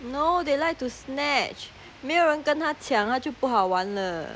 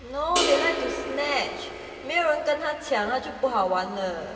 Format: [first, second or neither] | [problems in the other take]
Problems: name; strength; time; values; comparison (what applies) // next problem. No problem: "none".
first | background sound (Crash cymbal); 4 dB below the speech // room echo; dies away in 2.7 s